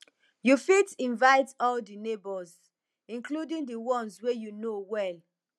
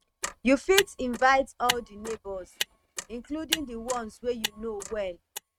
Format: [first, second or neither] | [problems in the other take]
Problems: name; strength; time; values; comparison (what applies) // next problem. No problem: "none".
first | noise reduction (neural mask model RNNoise)